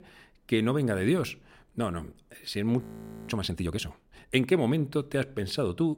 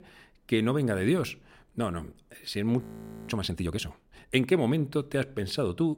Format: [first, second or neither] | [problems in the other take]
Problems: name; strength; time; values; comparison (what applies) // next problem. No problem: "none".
neither | audio freezing; at 3 s; the same in both